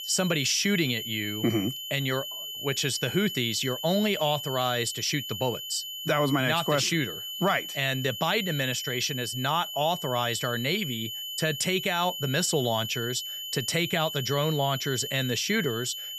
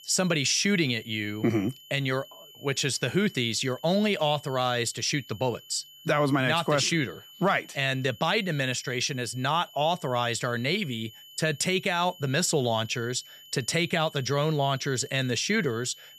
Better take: second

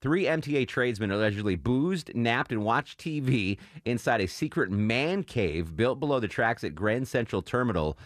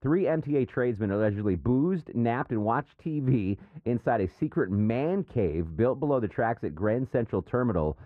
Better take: first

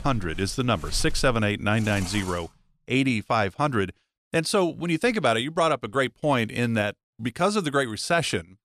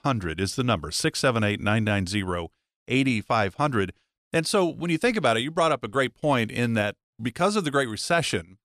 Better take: second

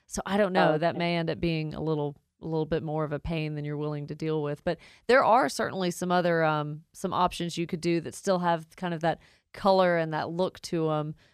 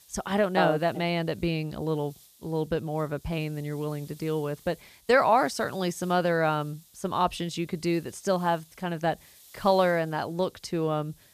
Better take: first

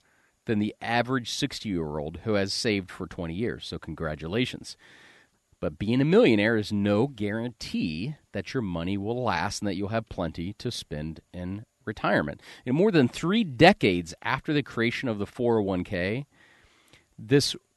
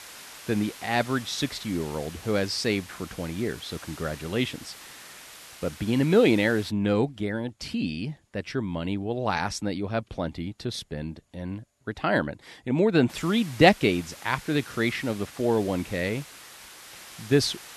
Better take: first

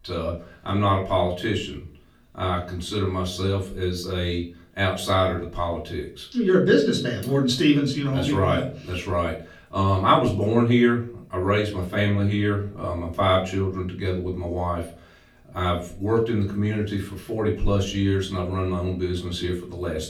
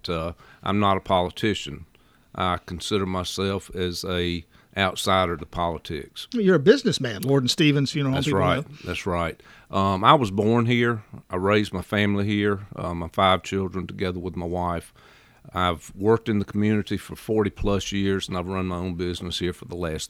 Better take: second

